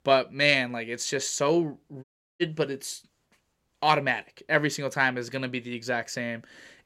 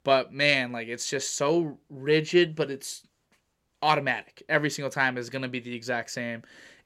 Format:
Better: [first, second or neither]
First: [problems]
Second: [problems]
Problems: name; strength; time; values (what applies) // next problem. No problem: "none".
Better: second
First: audio cutting out; at 2 s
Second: none